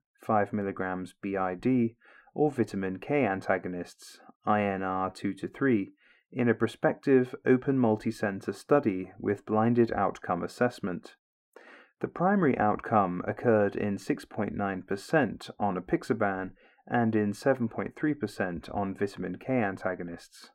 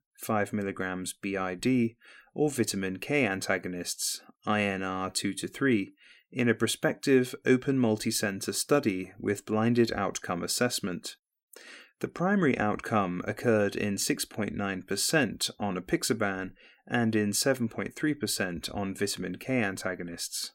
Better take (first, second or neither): second